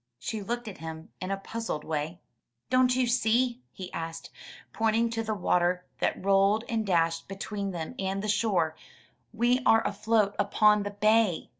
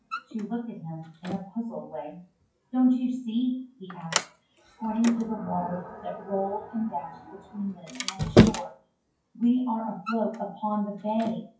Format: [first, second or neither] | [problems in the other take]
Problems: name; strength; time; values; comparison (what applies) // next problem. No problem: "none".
first | noise reduction (classical method WPE with log-MMSE)